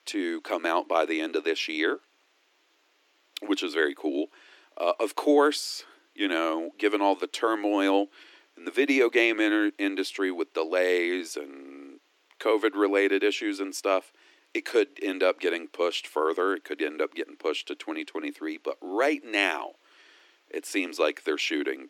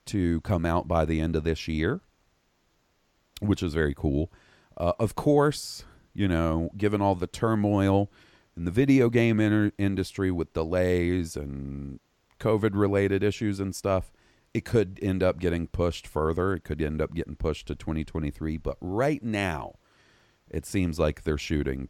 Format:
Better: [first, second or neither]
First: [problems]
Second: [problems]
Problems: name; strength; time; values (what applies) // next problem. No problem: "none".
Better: second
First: thin; somewhat; fading below 300 Hz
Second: none